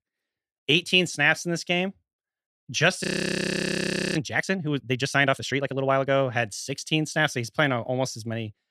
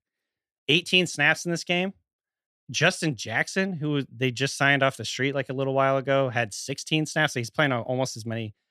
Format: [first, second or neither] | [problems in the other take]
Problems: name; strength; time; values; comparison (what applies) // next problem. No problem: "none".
second | audio freezing; at 3 s for 1 s